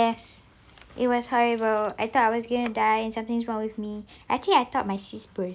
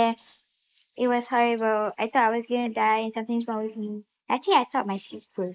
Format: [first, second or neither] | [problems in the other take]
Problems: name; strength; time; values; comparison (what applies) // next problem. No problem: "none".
first | noise reduction (neural mask model Resemble Enhance denoiser)